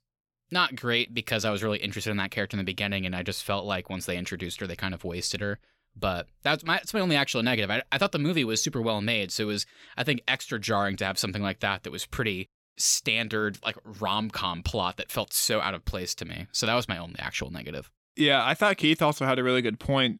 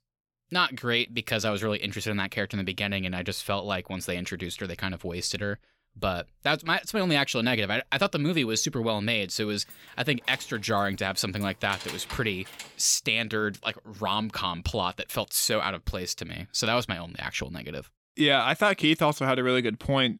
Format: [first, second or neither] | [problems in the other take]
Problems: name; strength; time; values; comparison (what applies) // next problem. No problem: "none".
first | jangling keys; noticeable; from 9.5 to 13 s; peak 10 dB below the speech